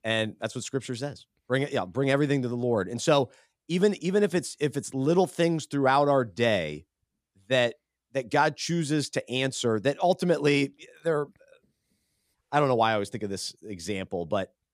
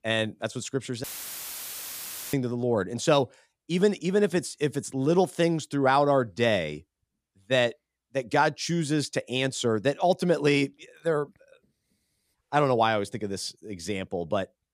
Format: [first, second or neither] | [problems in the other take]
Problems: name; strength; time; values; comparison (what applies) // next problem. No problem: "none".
first | audio cutting out; filled with static; at 1 s for 1.5 s